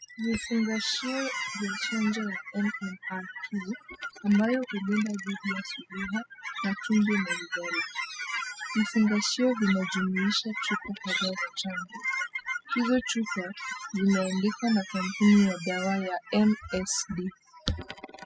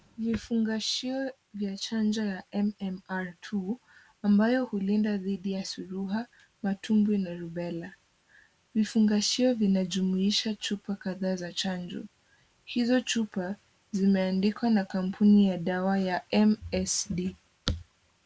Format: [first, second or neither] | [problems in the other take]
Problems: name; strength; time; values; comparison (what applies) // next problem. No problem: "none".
second | noise reduction (classical method spectral subtraction)